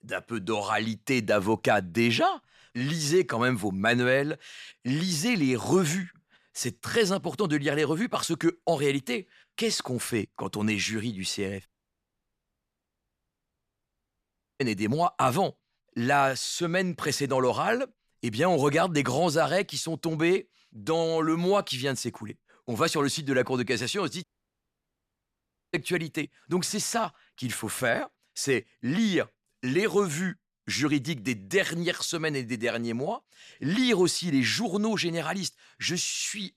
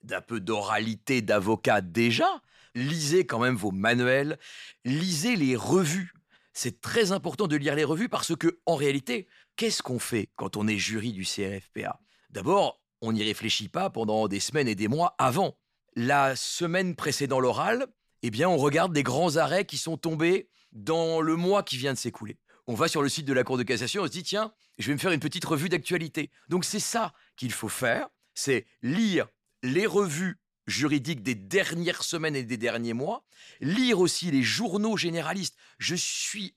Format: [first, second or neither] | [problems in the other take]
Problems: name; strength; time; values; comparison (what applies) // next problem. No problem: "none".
second | audio cutting out; at 12 s for 3 s and at 24 s for 1.5 s